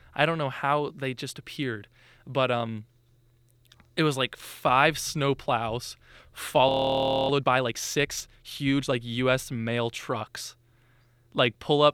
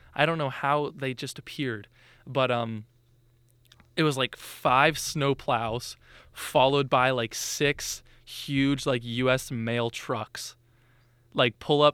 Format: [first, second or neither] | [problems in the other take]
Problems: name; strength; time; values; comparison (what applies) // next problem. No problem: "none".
second | audio freezing; at 6.5 s for 0.5 s